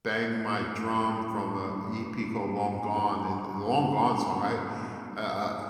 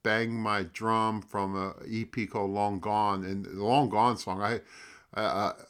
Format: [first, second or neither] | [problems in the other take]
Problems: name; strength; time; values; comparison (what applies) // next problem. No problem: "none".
second | room echo; noticeable; dies away in 2.8 s // off-mic speech; somewhat distant